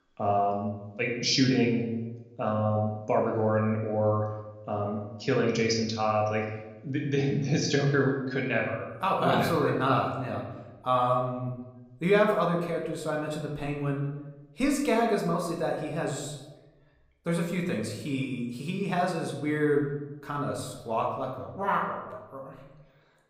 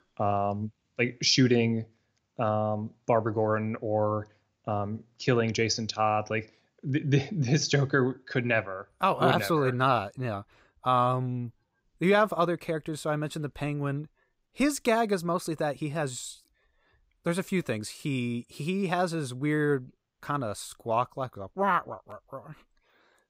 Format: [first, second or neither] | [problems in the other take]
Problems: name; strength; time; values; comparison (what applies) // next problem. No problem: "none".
second | room echo; noticeable; dies away in 0.9 s // off-mic speech; somewhat distant